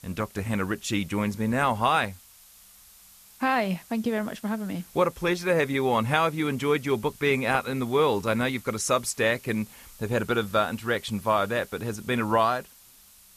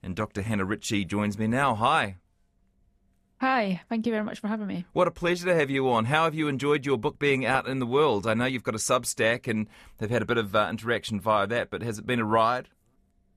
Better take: second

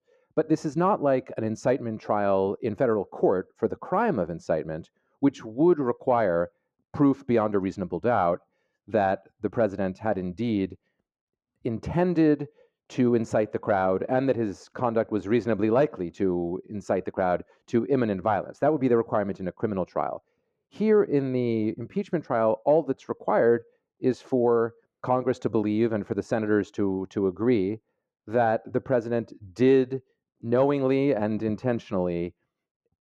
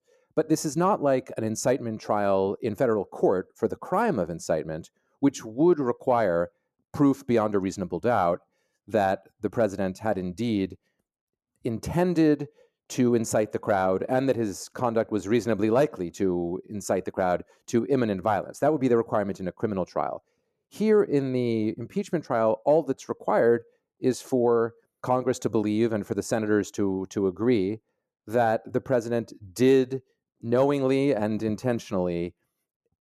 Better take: second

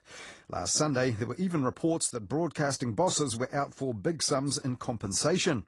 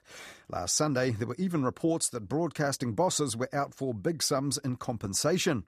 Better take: second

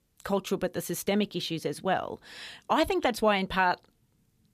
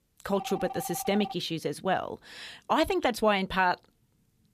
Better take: first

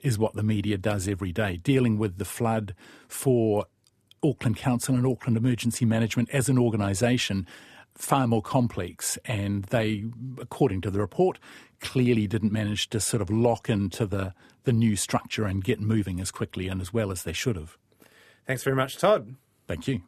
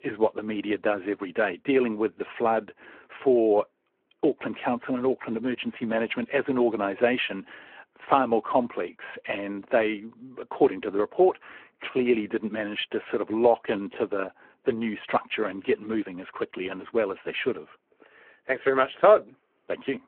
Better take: first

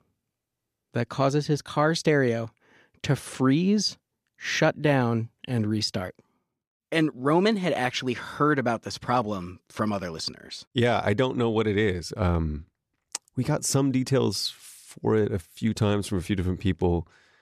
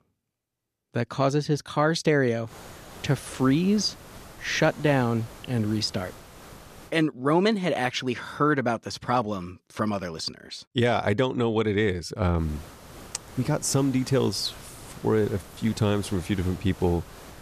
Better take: first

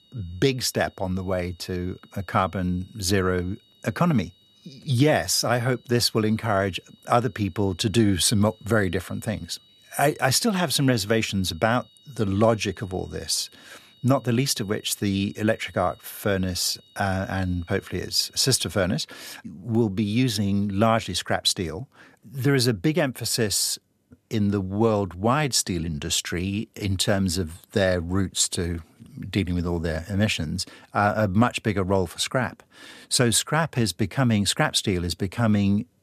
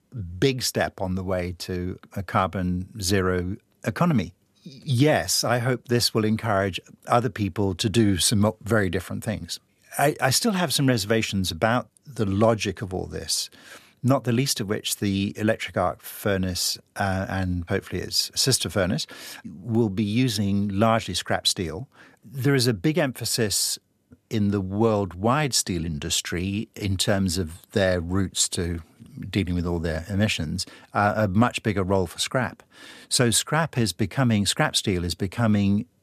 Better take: second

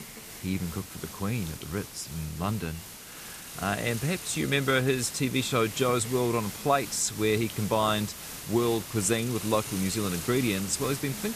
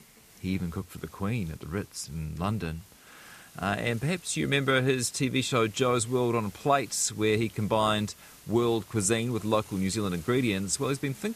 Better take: second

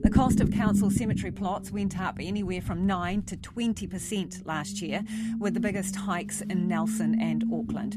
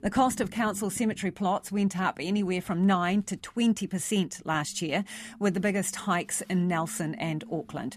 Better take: second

